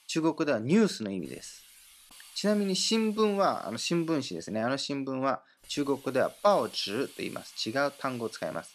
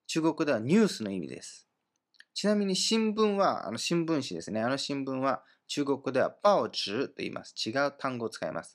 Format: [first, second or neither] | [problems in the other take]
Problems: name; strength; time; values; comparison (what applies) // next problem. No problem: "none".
second | hiss; faint; throughout; 20 dB below the speech